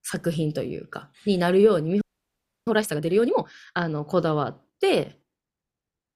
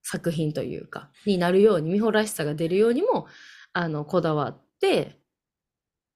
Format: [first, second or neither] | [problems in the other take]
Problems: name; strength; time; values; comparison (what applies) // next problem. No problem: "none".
second | audio freezing; at 2 s for 0.5 s